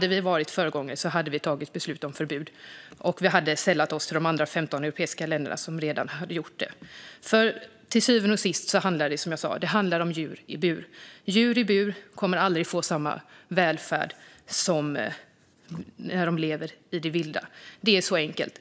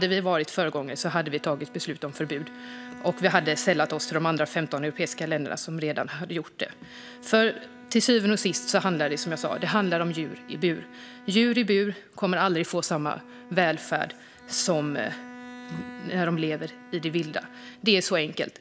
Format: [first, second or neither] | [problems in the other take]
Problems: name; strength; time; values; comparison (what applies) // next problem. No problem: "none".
first | background sound (Bowed string instrument); 18 dB below the speech